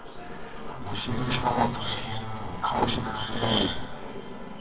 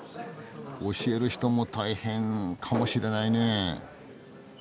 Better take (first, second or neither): second